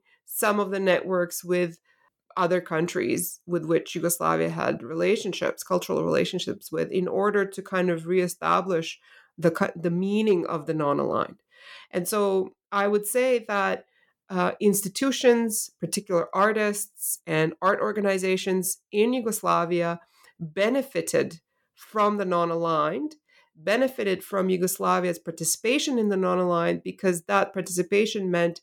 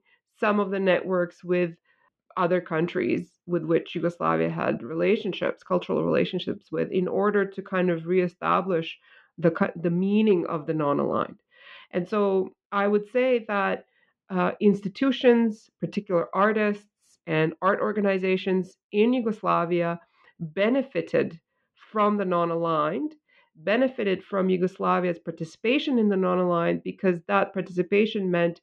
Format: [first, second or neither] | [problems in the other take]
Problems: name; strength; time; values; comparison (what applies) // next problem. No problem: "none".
first | muffled; very; fading above 3 kHz